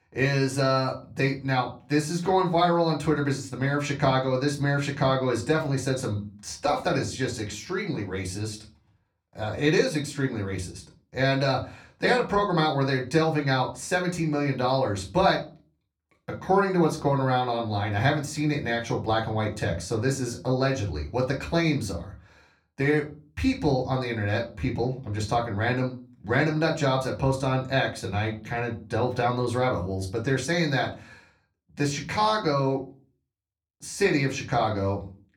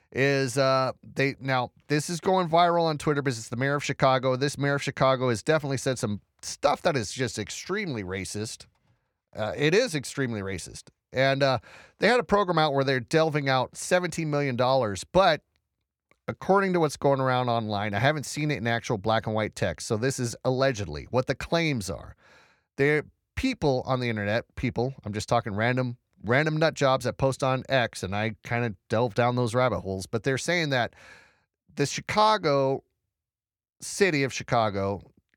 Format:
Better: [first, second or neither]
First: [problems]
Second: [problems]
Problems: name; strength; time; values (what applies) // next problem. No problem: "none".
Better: second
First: off-mic speech; far // room echo; very slight; dies away in 0.3 s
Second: none